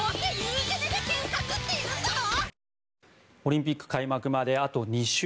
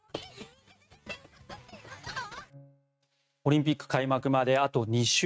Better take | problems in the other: first | noise reduction (neural mask model RNNoise)

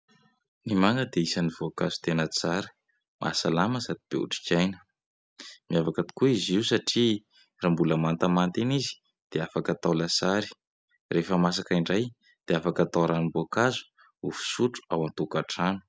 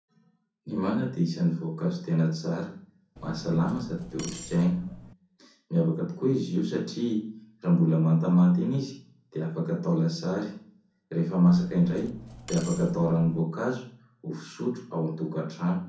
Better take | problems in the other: first | background sound (Cutlery, silverware); 17 dB below the speech // room echo; dies away in 0.6 s

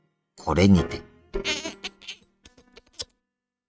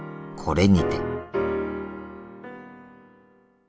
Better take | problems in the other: second | noise reduction (neural mask model RNNoise)

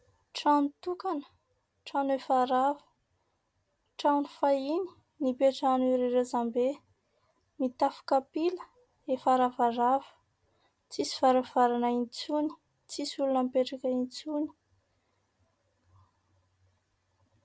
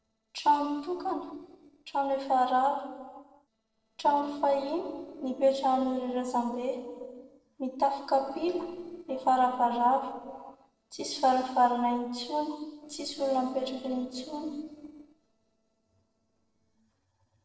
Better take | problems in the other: first | noise reduction (neural separator model SepFormer DNS4)

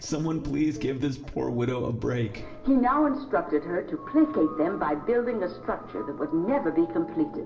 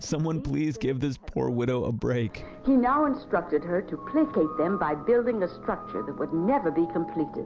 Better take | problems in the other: second | room echo; dies away in 0.7 s

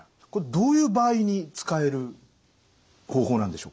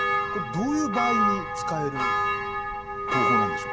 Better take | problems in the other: first | background sound (Church bell); 4 dB above the speech

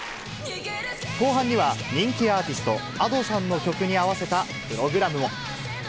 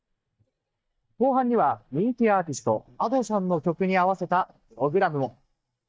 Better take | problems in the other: first | noise reduction (neural mask model DeepFilterNet 3)

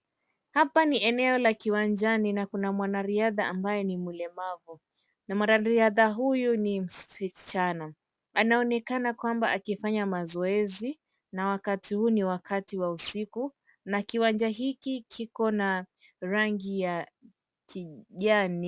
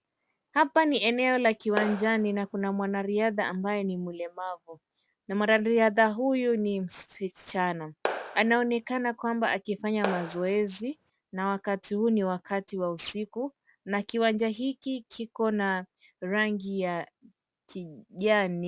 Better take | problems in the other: first | background sound (Clapping); 8 dB below the speech

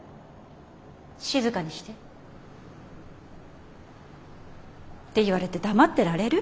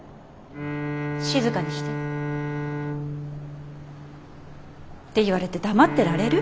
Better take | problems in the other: first | background sound (Bowed string instrument); 4 dB below the speech

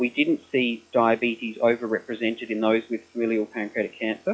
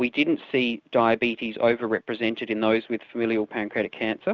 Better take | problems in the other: second | noise reduction (classical method log-MMSE)

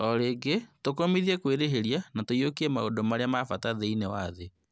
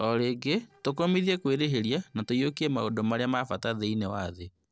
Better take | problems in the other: first | noise reduction (neural separator model SepFormer DNS4)

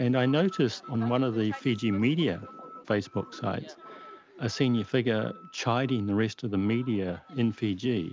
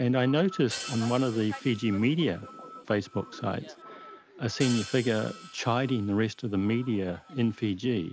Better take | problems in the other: first | background sound (Hi-hat); 17 dB below the speech

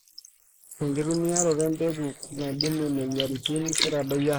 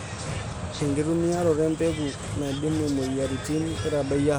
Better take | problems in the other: second | noise reduction (neural mask model Resemble Enhance denoiser)

